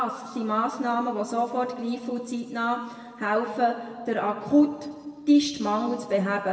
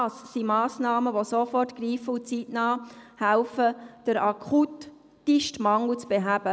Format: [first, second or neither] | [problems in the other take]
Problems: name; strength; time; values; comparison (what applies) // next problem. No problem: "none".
second | room echo; dies away in 1.4 s